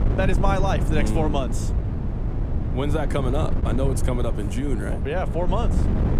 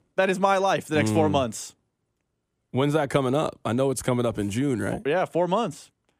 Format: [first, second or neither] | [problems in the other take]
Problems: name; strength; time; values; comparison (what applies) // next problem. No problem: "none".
second | wind noise on the microphone; heavy; 8 dB below the speech